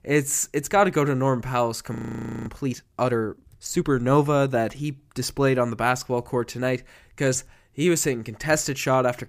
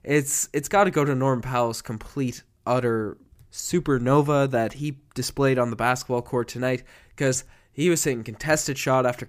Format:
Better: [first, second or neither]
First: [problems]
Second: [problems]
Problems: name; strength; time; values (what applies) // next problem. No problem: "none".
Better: second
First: audio freezing; at 2 s for 0.5 s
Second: none